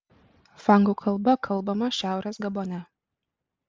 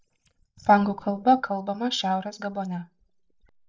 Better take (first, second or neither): first